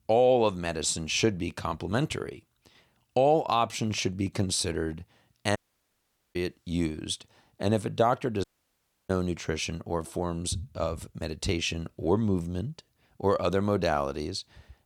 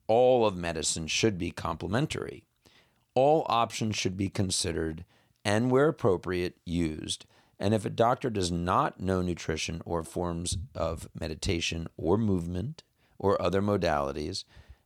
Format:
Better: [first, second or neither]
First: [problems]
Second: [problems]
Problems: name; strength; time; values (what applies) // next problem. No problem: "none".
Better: second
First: audio cutting out; at 5.5 s for 1 s and at 8.5 s for 0.5 s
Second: none